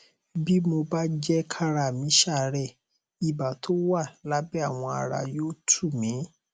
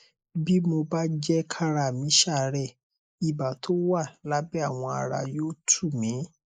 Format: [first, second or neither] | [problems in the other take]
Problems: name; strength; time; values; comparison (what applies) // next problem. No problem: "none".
first | noise reduction (neural mask model Resemble Enhance denoiser)